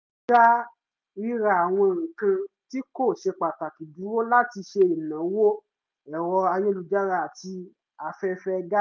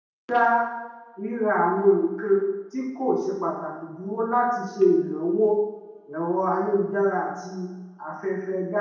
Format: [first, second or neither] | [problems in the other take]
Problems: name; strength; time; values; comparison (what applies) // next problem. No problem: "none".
first | room echo; dies away in 0.9 s